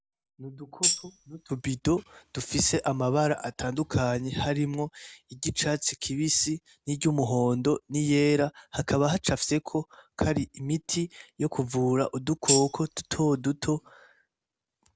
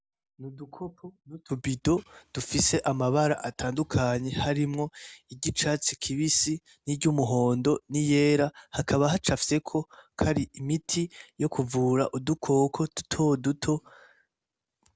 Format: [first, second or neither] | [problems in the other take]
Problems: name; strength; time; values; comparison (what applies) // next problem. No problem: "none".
second | background sound (Tambourine); 2 dB below the speech